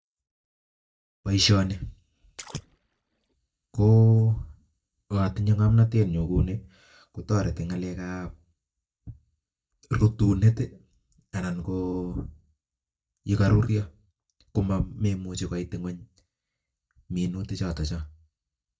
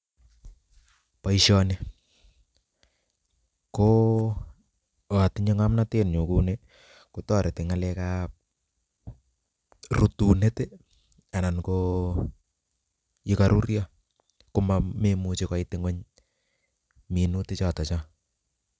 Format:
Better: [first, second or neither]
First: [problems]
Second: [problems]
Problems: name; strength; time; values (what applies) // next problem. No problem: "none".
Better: second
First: noise reduction (neural mask model DeepFilterNet 3)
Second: none